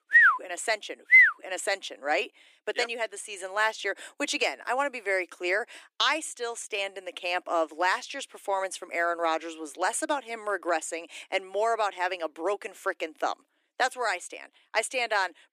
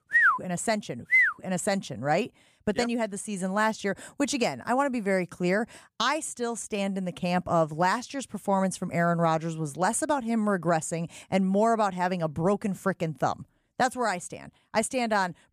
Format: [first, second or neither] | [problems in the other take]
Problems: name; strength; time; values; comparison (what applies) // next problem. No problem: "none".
second | thin; very; fading below 300 Hz